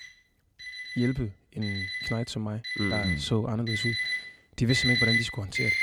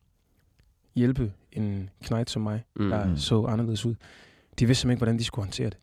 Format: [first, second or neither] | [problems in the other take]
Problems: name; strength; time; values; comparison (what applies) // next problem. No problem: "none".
second | alarms or sirens; very loud; throughout; 2 dB above the speech